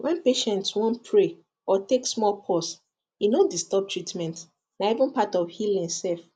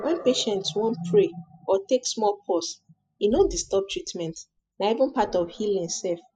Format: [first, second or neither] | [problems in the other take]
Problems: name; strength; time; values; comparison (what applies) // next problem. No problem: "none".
first | noise reduction (classical method spectral subtraction)